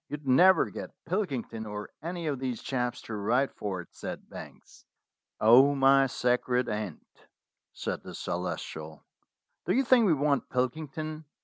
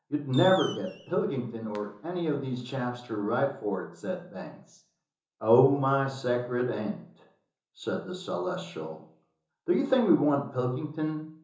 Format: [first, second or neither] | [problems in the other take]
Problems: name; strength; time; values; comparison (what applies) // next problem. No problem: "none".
first | background sound (Fireworks); 16 dB below the speech // room echo; dies away in 0.6 s